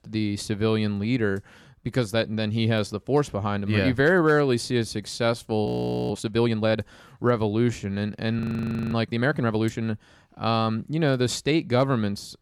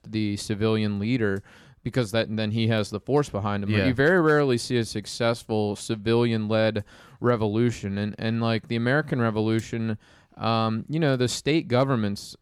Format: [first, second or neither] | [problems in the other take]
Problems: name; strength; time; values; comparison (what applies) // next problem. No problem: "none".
second | audio freezing; at 5.5 s and at 8.5 s for 0.5 s